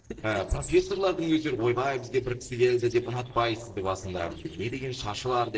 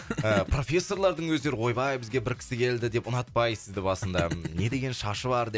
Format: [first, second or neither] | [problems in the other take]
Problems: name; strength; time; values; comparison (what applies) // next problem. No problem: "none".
second | noise reduction (neural separator model SepFormer DNS4)